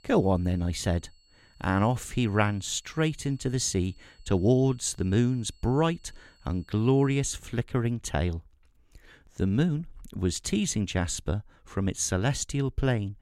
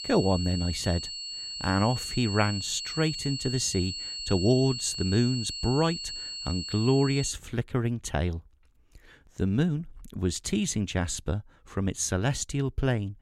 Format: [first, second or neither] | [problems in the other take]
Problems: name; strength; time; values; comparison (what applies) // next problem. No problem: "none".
first | high-pitched whine; loud; until 7.5 s; 4.5 kHz, 6 dB below the speech; faint in the first